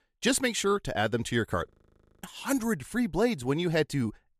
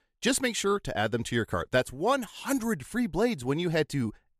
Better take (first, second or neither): second